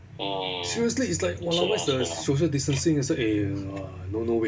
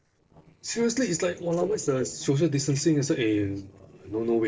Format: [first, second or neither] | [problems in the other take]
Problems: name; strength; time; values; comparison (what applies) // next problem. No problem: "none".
first | noise reduction (neural separator model SepFormer DNS4)